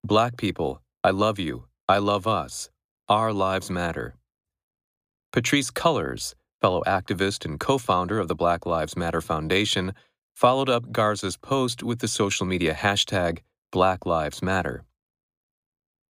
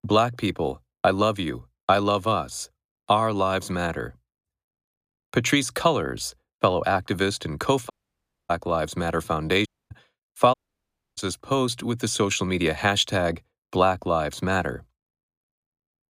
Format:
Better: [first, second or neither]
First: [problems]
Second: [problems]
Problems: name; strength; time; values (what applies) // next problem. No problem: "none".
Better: first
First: none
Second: audio cutting out; at 8 s for 0.5 s, at 9.5 s and at 11 s for 0.5 s